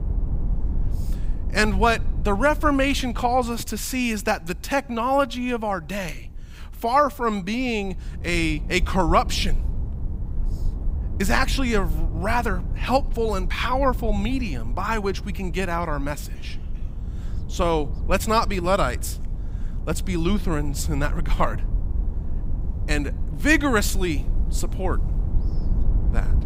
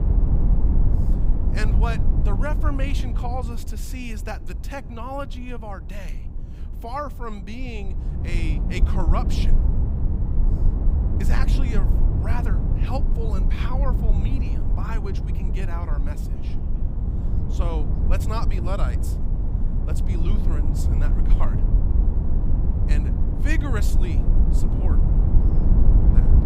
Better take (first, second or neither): first